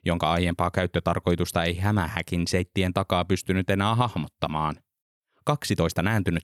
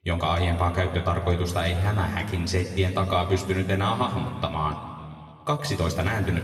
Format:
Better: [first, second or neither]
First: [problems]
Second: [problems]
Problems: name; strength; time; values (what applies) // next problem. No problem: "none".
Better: first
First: none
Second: room echo; noticeable; dies away in 2.1 s // off-mic speech; far